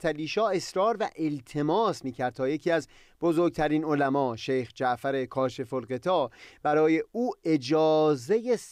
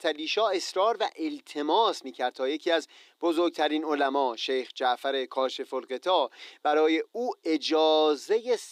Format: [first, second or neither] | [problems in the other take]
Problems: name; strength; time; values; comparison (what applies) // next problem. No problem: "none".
first | thin; somewhat; fading below 300 Hz